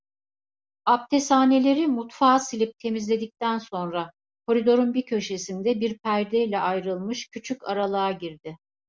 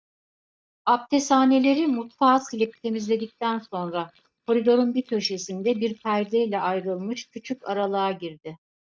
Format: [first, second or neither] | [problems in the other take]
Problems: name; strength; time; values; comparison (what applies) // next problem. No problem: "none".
first | noise reduction (neural mask model DeepFilterNet 3)